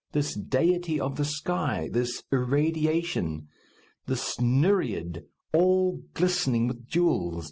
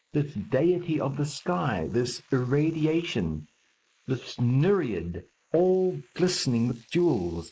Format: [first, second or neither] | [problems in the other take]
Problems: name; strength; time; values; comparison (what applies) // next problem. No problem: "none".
first | noise reduction (neural mask model Resemble Enhance denoiser)